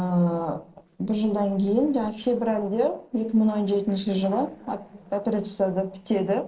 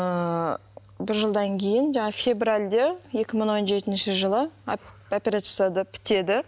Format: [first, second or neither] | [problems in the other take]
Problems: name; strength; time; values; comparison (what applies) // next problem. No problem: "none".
second | noise reduction (neural separator model SepFormer DNS4)